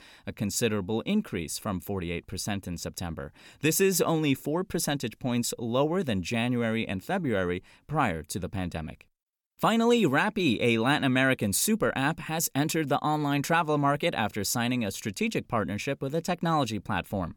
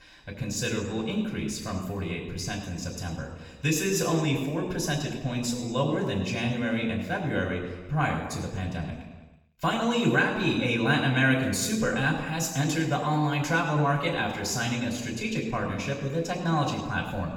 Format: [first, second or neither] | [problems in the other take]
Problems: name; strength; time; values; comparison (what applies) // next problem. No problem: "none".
first | room echo; noticeable; dies away in 1.1 s // off-mic speech; far